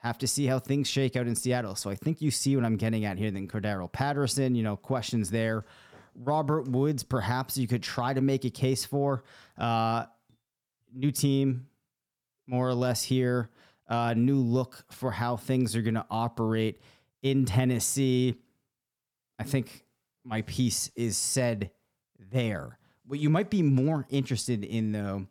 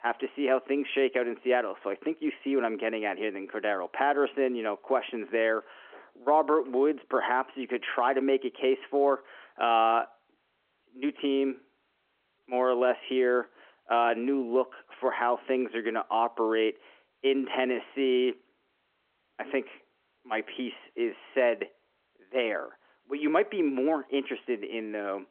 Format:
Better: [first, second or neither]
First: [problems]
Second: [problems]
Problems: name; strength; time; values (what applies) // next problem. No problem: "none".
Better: first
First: none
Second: phone-call audio